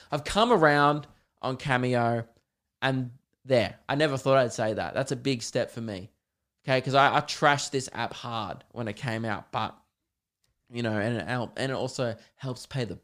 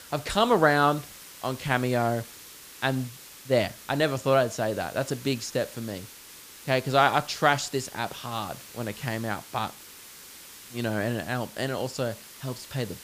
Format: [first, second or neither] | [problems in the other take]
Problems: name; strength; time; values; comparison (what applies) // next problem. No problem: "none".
first | hiss; noticeable; throughout; 15 dB below the speech